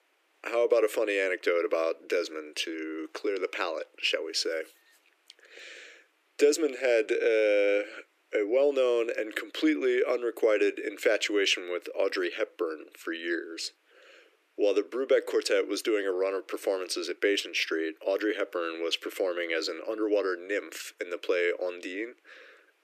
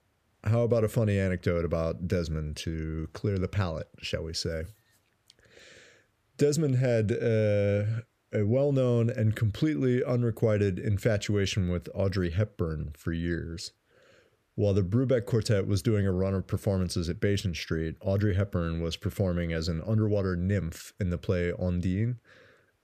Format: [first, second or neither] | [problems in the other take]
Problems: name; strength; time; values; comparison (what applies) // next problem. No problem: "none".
second | thin; very; fading below 300 Hz